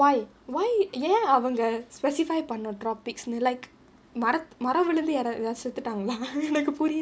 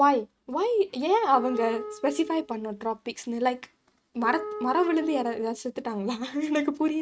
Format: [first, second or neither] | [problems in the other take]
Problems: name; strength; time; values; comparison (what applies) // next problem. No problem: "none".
first | noise reduction (neural mask model RNNoise)